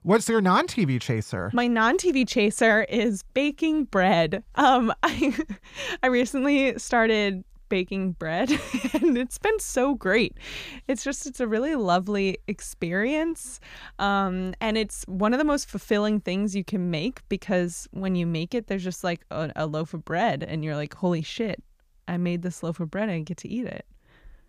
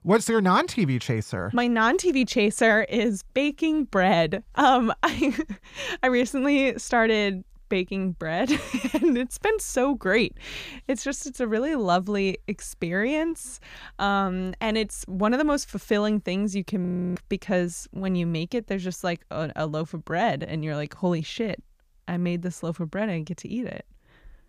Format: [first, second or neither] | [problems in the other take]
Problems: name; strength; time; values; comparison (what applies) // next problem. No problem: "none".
first | audio freezing; at 17 s